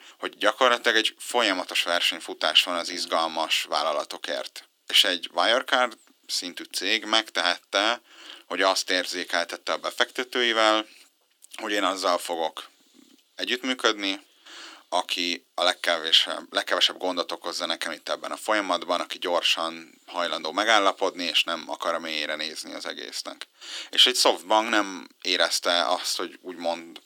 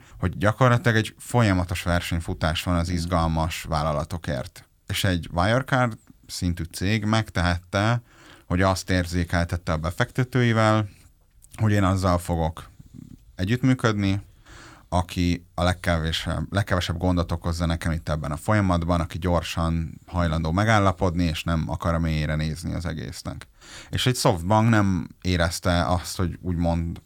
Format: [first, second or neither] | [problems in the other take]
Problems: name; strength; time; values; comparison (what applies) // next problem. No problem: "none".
second | thin; very; fading below 300 Hz